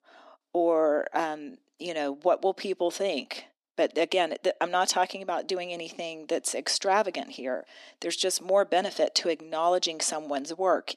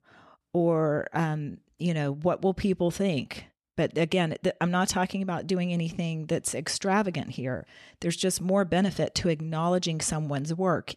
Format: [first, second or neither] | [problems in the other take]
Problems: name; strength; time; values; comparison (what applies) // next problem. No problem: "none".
second | thin; very; fading below 250 Hz